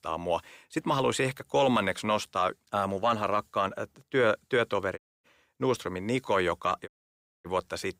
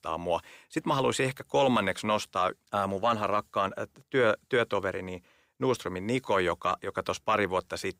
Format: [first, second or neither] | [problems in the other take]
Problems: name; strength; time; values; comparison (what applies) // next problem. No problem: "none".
second | audio cutting out; at 5 s and at 7 s for 0.5 s